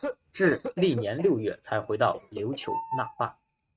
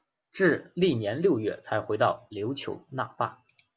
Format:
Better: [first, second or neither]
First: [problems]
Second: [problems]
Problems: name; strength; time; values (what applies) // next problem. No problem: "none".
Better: second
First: noise reduction (neural mask model RNNoise)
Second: none